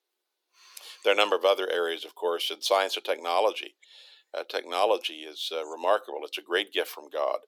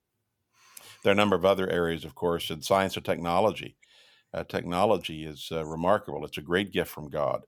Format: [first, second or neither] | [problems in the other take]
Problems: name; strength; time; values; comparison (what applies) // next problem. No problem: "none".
second | thin; very; fading below 350 Hz